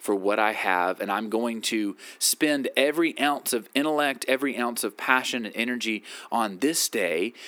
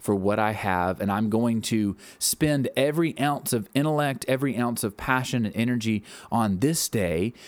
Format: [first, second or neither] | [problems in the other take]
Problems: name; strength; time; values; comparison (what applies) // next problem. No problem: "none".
second | thin; very slightly; fading below 300 Hz